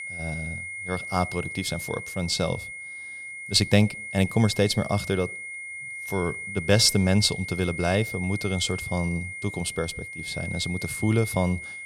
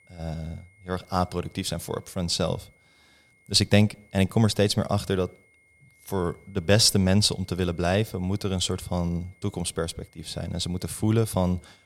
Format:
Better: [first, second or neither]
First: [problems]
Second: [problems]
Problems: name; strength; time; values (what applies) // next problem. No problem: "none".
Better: second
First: high-pitched whine; loud; throughout; 2 kHz, 8 dB below the speech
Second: high-pitched whine; faint; throughout; 2 kHz, 35 dB below the speech